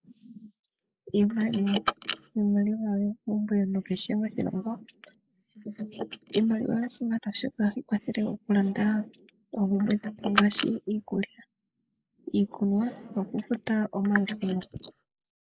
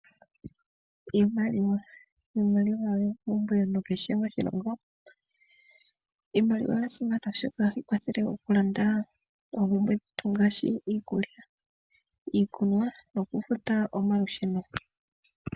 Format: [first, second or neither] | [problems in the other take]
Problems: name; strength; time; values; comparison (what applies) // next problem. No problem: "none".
second | noise reduction (neural mask model Resemble Enhance denoiser)